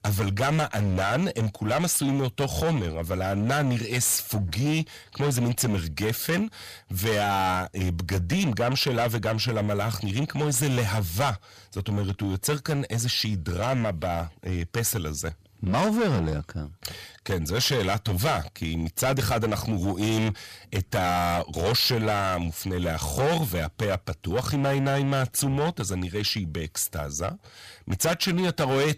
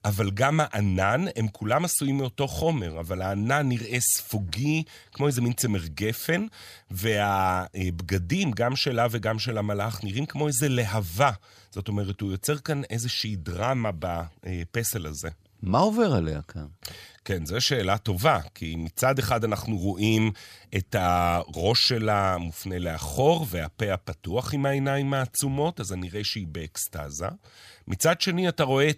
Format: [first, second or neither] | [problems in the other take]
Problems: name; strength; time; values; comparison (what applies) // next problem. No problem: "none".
second | distortion; heavy; 15% of the sound clipped